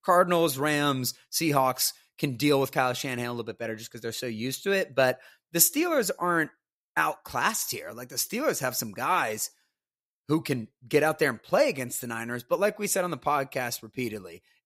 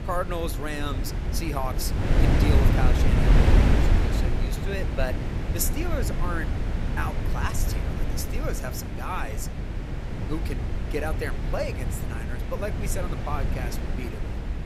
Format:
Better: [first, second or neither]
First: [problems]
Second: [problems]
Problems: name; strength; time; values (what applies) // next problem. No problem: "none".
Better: first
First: none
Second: wind noise on the microphone; heavy; 1 dB below the speech